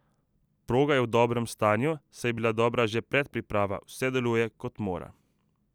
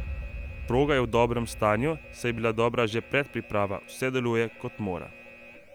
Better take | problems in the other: first | background sound (Alarm); 13 dB below the speech

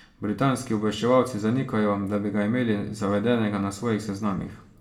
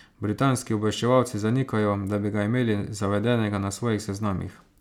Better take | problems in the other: second | room echo; dies away in 0.6 s

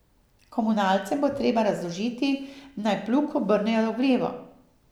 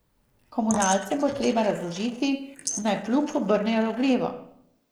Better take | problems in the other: first | noise reduction (neural mask model Resemble Enhance denoiser)

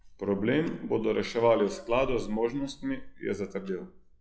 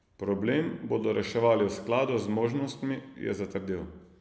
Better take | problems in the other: second | noise reduction (classical method log-MMSE)

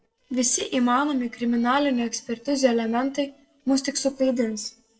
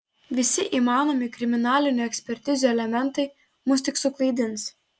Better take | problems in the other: second | noise reduction (neural separator model SepFormer DNS4)

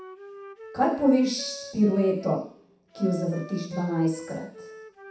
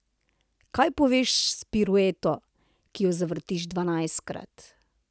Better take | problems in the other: second | background sound (Wind instrument, woodwind instrument); 16 dB below the speech // room echo; dies away in 0.7 s

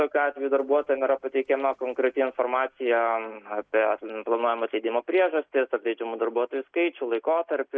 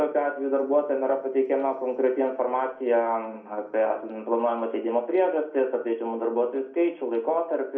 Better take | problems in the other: first | room echo; dies away in 0.6 s

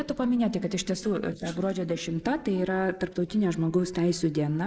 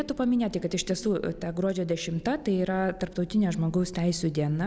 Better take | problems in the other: second | noise reduction (neural mask model Resemble Enhance denoiser)

